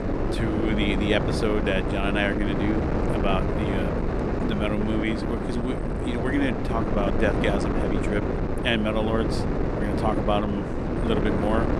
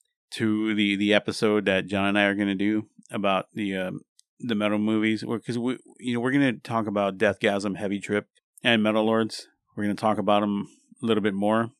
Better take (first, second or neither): second